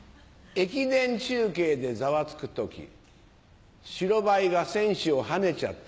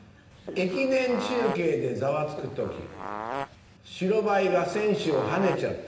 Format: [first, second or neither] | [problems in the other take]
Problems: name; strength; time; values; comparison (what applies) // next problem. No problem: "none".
first | background sound (Fart); 10 dB below the speech // room echo; dies away in 0.8 s